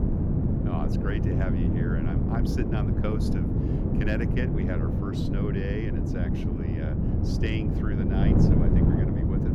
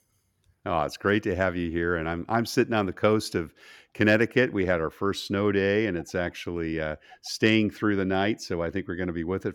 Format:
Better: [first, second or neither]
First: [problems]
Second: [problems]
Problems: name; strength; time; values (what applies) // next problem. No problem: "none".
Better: second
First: wind noise on the microphone; heavy; 3 dB above the speech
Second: none